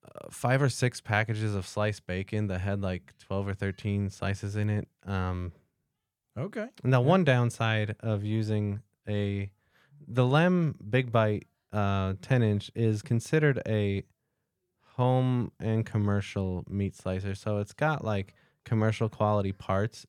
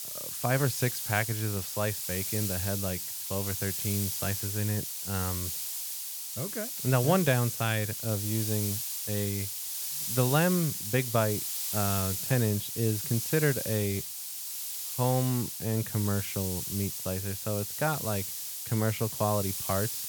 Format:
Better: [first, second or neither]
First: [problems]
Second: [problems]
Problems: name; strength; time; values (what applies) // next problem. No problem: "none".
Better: first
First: none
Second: hiss; loud; throughout; 2 dB below the speech